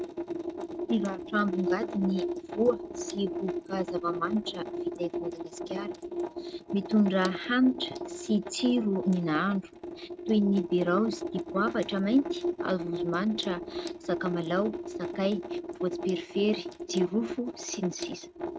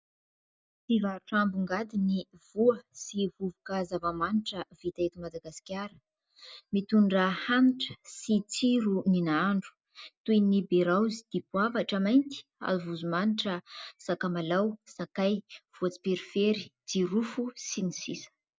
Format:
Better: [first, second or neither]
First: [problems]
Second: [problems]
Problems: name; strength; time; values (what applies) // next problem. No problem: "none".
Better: second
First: noise reduction (neural mask model RNNoise)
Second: none